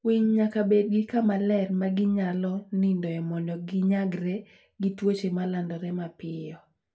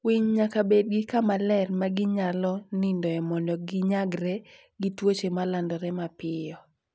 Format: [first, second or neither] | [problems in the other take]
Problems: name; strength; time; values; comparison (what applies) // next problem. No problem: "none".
second | room echo; dies away in 0.2 s